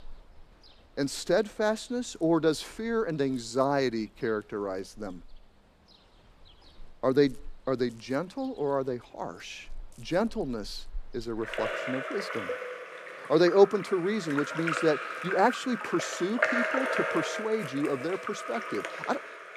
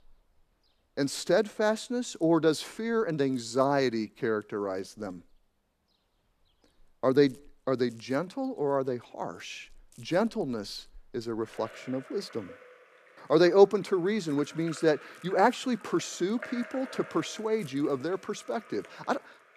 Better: second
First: rain or running water; loud; throughout; 4 dB below the speech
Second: rain or running water; faint; throughout; 20 dB below the speech

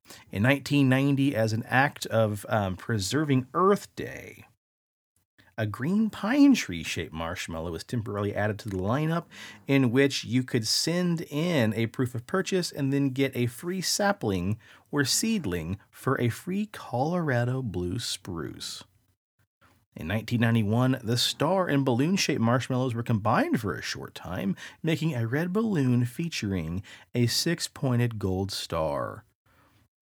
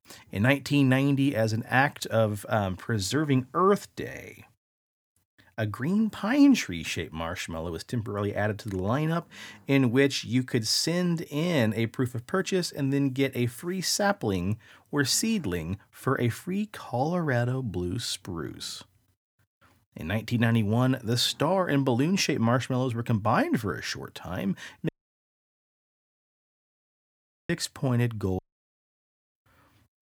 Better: first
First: none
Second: audio cutting out; at 25 s for 2.5 s and at 28 s for 1 s

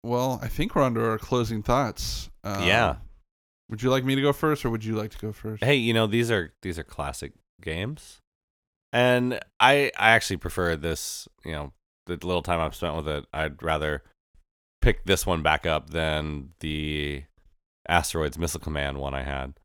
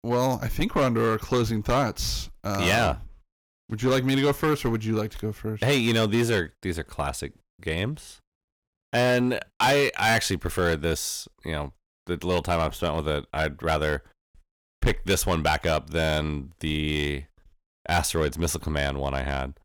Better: first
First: none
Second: distortion; heavy; 6% of the sound clipped

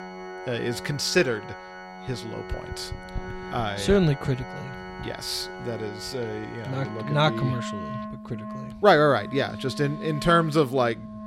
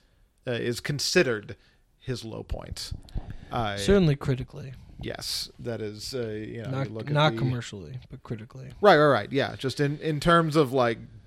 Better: second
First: background music; noticeable; throughout; 10 dB below the speech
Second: none

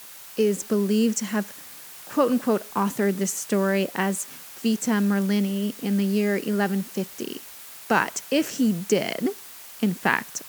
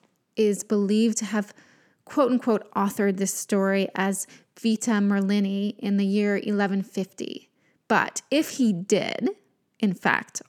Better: second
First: hiss; noticeable; throughout; 15 dB below the speech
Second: none

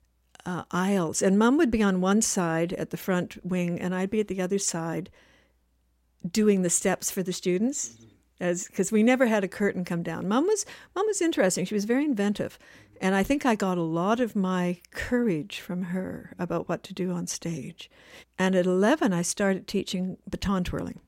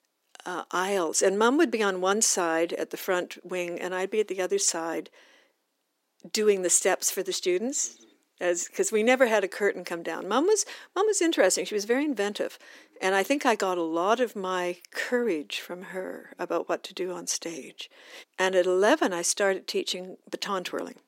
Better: first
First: none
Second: thin; somewhat; fading below 300 Hz

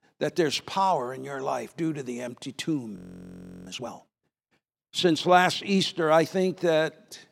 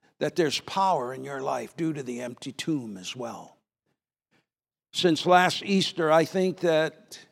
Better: second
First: audio freezing; at 3 s for 0.5 s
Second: none

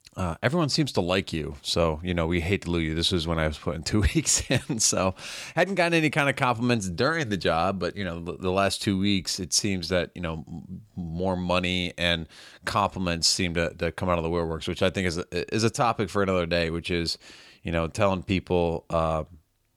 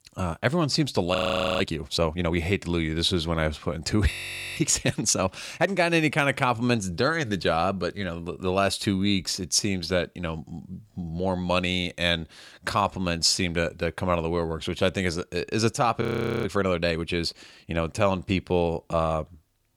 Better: first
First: none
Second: audio freezing; at 1 s, at 4 s and at 16 s

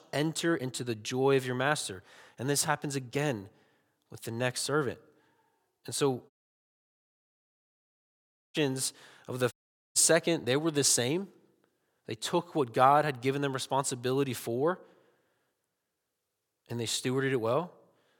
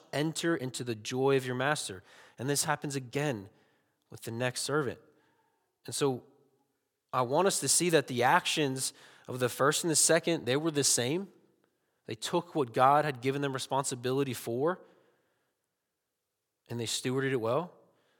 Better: second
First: audio cutting out; at 6.5 s for 2 s and at 9.5 s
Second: none

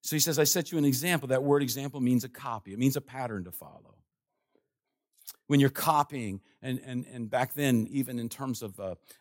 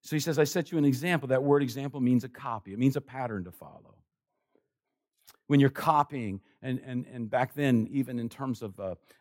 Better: first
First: none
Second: muffled; slightly; fading above 4 kHz

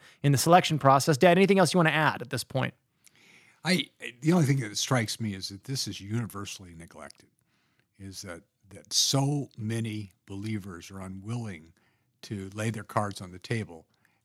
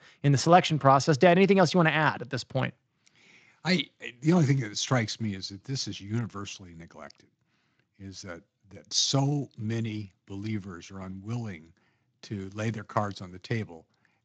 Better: first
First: none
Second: garbled, watery; slightly

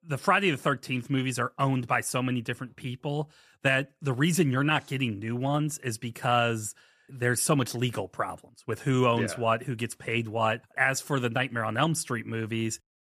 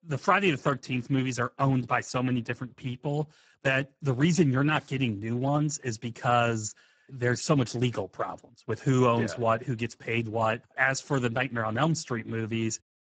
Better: first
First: none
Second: garbled, watery; badly; nothing above 7.5 kHz

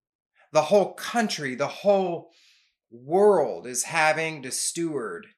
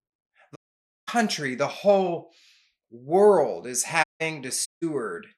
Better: first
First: none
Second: audio cutting out; at 0.5 s for 0.5 s, at 4 s and at 4.5 s

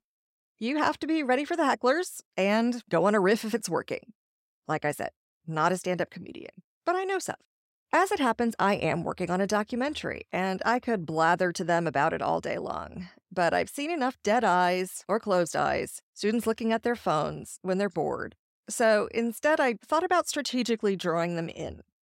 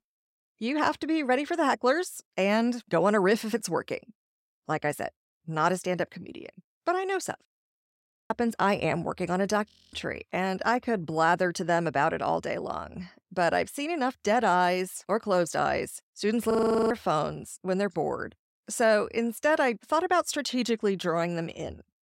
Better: first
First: none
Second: audio freezing; at 8 s, at 9.5 s and at 17 s

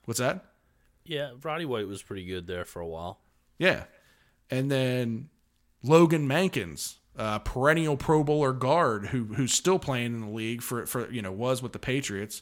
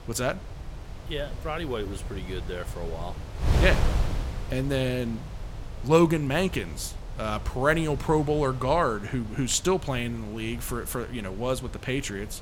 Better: first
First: none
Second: wind noise on the microphone; occasional gusts; 15 dB below the speech

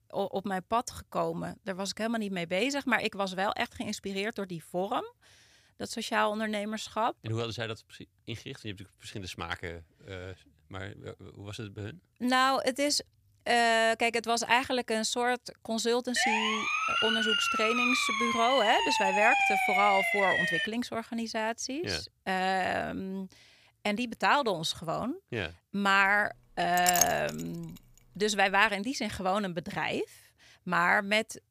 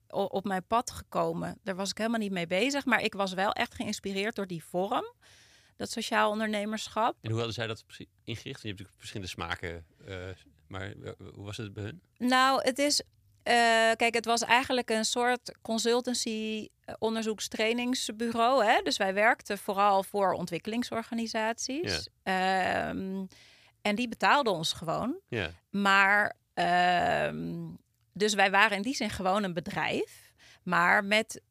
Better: second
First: siren; loud; from 16 to 21 s; peak 5 dB above the speech // clattering dishes; loud; at 27 s; peak 4 dB above the speech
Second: none

